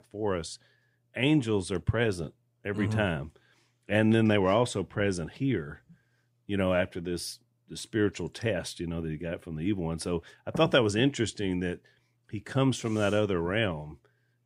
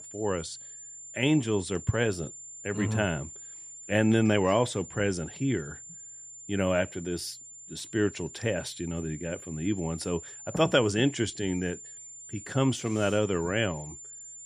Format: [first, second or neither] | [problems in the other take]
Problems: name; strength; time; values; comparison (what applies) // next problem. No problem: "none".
first | high-pitched whine; noticeable; throughout; 7 kHz, 15 dB below the speech